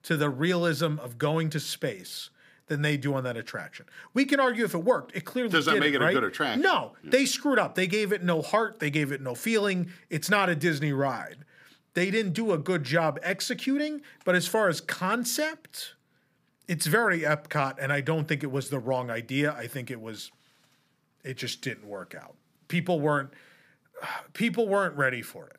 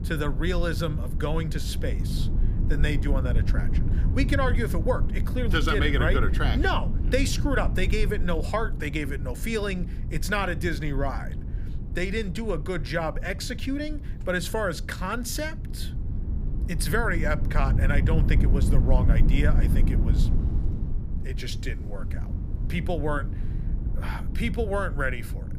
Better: first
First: none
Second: low rumble; noticeable; throughout; 10 dB below the speech

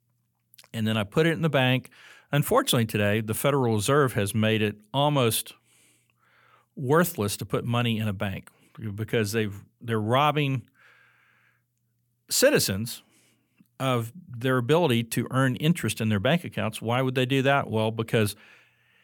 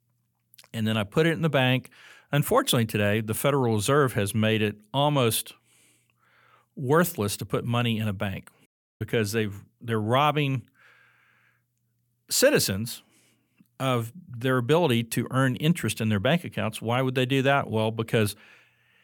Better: first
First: none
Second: audio cutting out; at 8.5 s

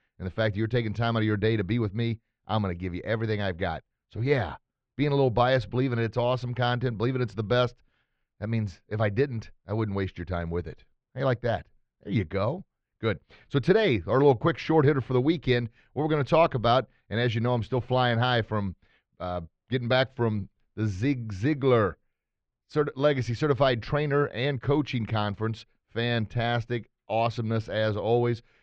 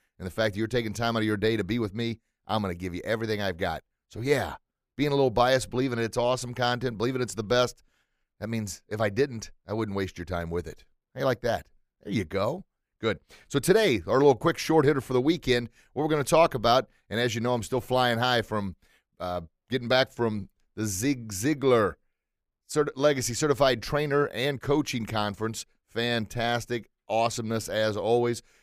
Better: second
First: muffled; slightly; fading above 4 kHz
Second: none

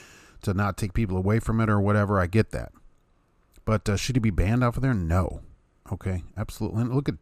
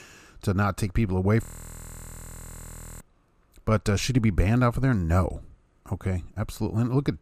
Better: first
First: none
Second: audio freezing; at 1.5 s for 1.5 s

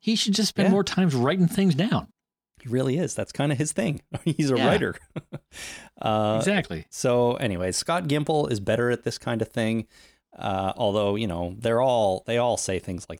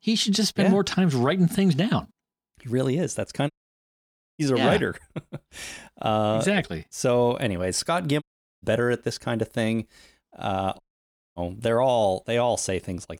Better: first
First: none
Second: audio cutting out; at 3.5 s for 1 s, at 8 s and at 11 s for 0.5 s

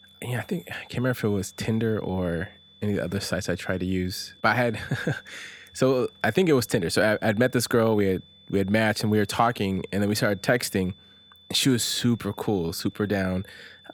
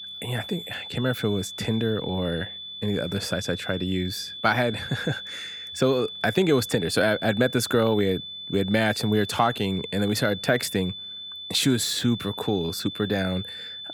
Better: first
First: high-pitched whine; faint; throughout; 3.5 kHz, 25 dB below the speech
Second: high-pitched whine; loud; throughout; 3.5 kHz, 9 dB below the speech

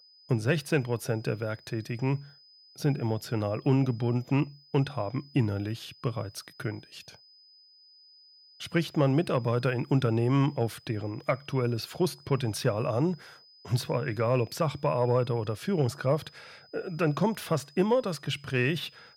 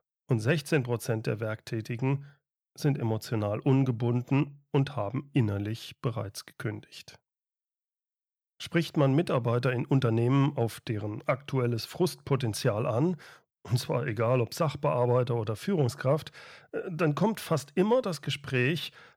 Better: second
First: high-pitched whine; faint; throughout; 5 kHz, 25 dB below the speech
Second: none

